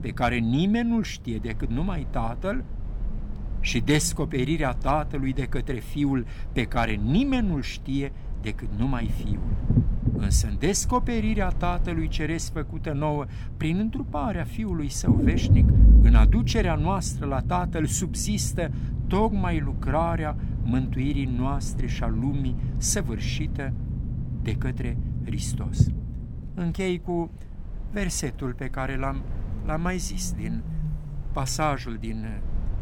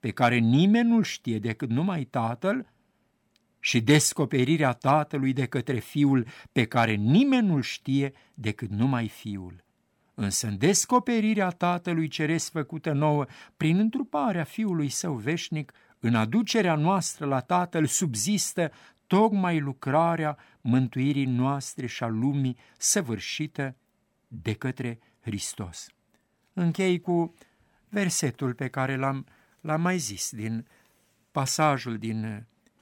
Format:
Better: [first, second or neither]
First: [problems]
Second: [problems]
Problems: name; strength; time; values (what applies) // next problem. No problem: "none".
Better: second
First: low rumble; noticeable; throughout; 10 dB below the speech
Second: none